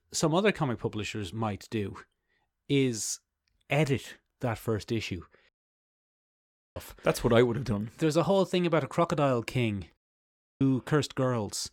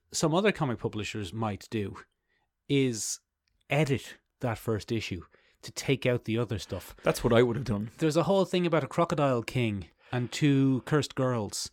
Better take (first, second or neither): second